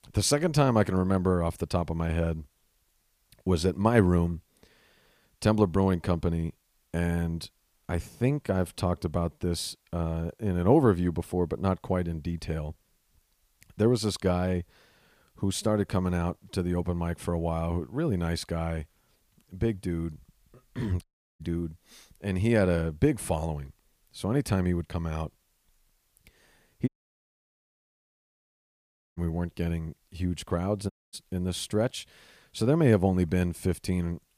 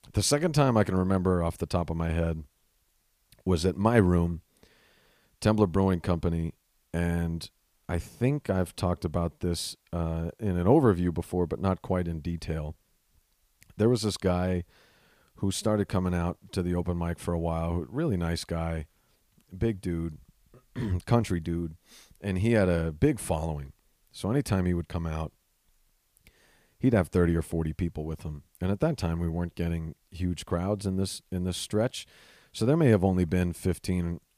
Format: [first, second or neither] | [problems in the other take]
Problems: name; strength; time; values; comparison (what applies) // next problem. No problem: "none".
second | audio cutting out; at 21 s, at 27 s for 2.5 s and at 31 s